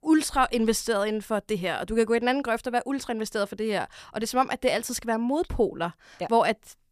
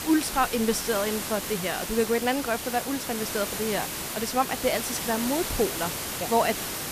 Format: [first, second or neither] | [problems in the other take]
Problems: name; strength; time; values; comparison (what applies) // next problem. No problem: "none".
first | hiss; loud; throughout; 3 dB below the speech